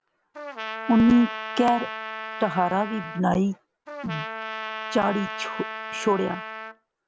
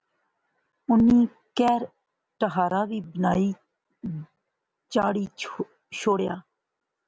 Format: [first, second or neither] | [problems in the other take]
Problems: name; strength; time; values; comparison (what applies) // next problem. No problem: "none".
second | background sound (Trumpet); 9 dB below the speech